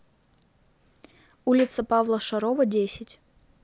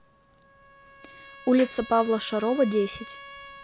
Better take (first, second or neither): first